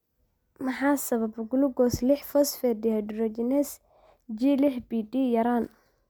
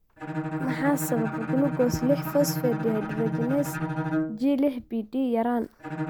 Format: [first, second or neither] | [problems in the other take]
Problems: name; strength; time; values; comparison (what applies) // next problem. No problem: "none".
first | background sound (Bowed string instrument); 4 dB below the speech